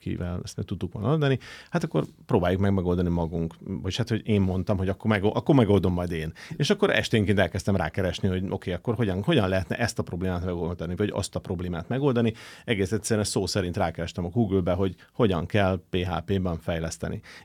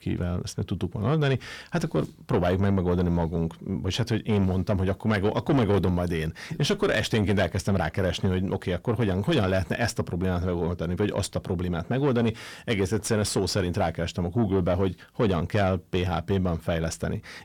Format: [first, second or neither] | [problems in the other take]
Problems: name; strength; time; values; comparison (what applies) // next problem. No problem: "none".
first | distortion; slight; 10 dB below the speech